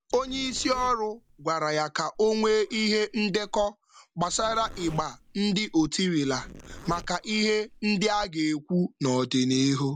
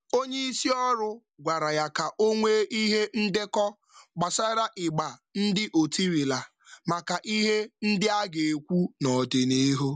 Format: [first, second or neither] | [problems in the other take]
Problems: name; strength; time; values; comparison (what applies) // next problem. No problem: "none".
second | background sound (Zipper (clothing) + Meow); 18 dB below the speech